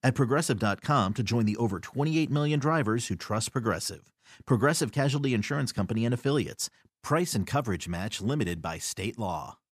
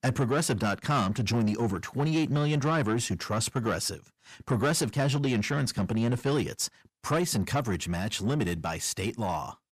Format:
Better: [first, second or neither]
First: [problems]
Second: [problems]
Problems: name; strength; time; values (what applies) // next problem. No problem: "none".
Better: first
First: none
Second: distortion; slight; 10 dB below the speech